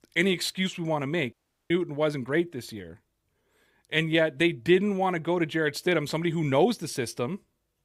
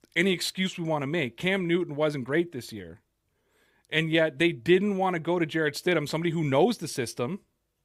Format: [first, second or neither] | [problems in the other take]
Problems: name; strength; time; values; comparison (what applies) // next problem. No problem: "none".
second | audio cutting out; at 1.5 s